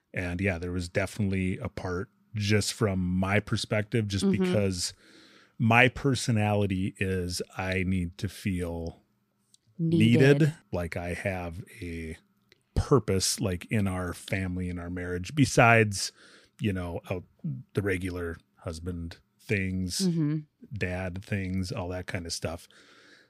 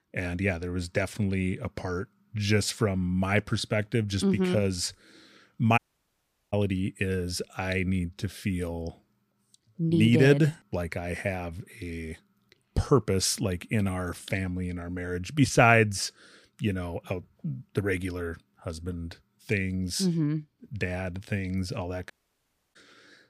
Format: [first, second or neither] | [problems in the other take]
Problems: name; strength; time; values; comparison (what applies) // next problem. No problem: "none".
first | audio cutting out; at 6 s for 0.5 s and at 22 s for 0.5 s